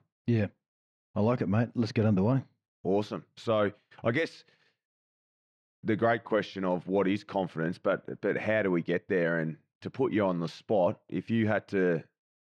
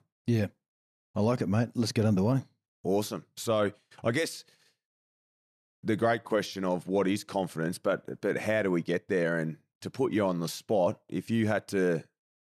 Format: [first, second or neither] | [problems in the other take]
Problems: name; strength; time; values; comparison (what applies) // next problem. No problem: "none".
second | muffled; slightly; fading above 2.5 kHz